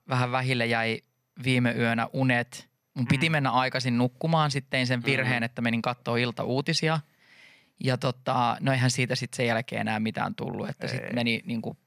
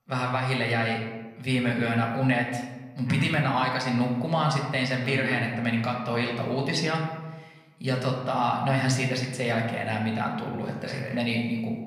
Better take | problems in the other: first | room echo; slight; dies away in 1 s // off-mic speech; somewhat distant

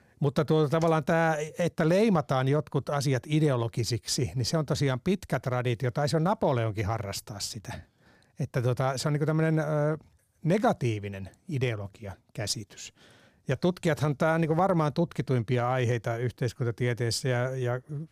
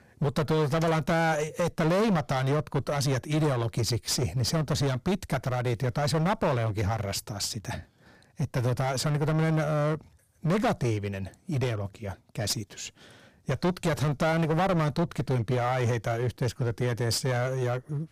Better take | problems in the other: first | distortion; heavy; 15% of the sound clipped

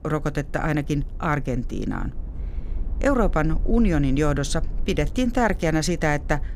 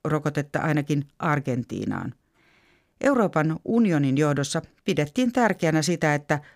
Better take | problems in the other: second | low rumble; faint; throughout; 25 dB below the speech

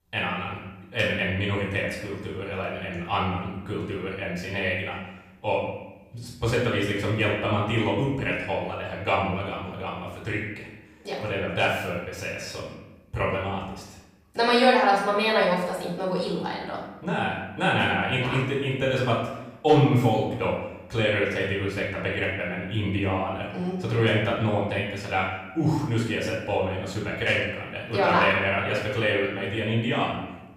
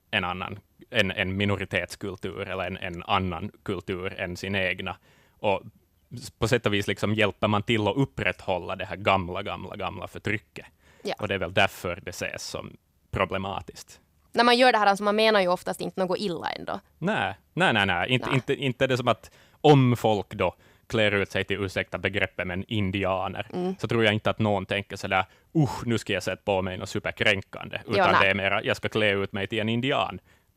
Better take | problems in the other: second | off-mic speech; far // room echo; noticeable; dies away in 0.8 s

